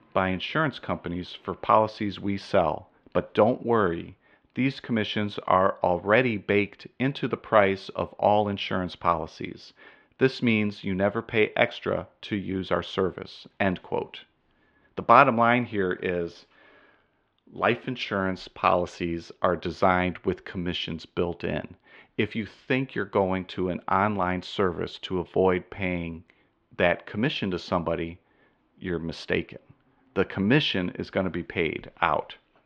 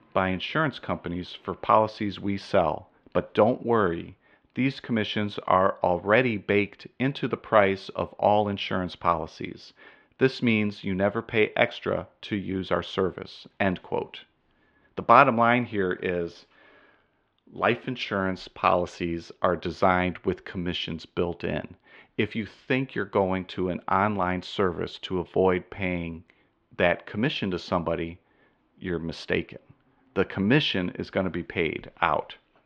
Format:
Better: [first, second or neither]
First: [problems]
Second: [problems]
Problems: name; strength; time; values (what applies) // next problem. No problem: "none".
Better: neither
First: muffled; slightly; fading above 3.5 kHz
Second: muffled; slightly; fading above 3.5 kHz